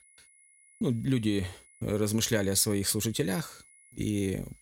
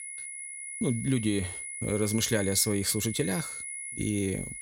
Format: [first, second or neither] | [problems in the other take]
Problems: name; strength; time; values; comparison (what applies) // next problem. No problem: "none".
first | high-pitched whine; loud; throughout; 10 kHz, 7 dB below the speech; faint in the first